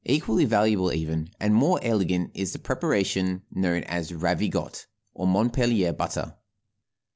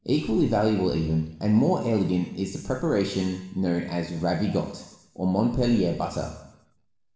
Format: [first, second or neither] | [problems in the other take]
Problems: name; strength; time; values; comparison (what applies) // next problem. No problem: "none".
first | room echo; dies away in 0.9 s